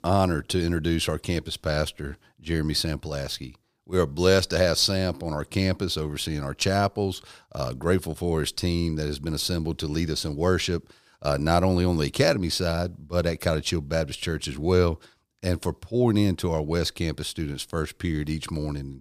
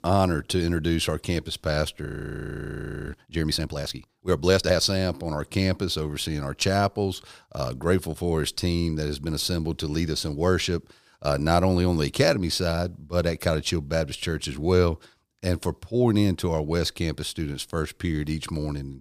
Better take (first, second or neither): first